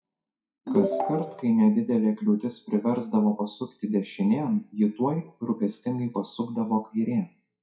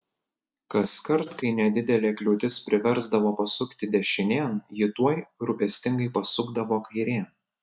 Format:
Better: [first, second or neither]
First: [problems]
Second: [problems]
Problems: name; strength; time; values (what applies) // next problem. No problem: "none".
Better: second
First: noise reduction (classical method WPE with log-MMSE)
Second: none